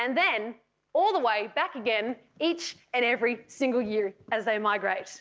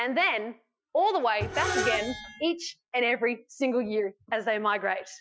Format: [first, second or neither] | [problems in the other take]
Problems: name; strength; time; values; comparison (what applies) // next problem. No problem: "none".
first | noise reduction (classical method Wiener filter)